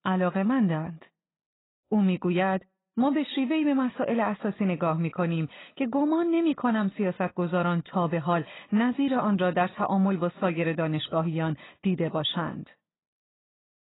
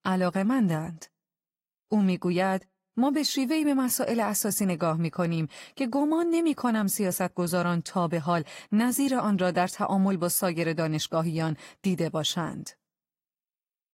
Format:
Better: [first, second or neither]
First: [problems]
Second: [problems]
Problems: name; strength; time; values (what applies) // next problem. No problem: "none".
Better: second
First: garbled, watery; badly; nothing above 4 kHz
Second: garbled, watery; slightly; nothing above 16 kHz